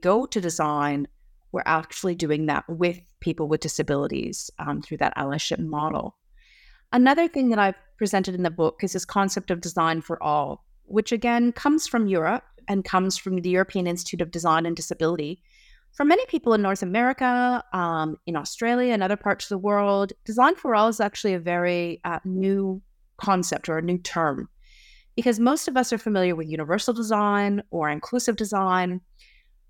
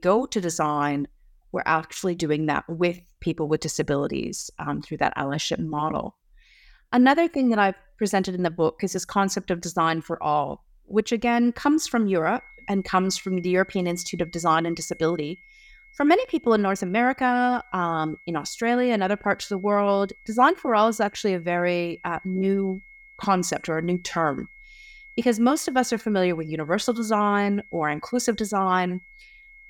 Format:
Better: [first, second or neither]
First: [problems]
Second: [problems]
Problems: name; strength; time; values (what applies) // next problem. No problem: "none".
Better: first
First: none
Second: high-pitched whine; faint; from 12 s on; 2 kHz, 25 dB below the speech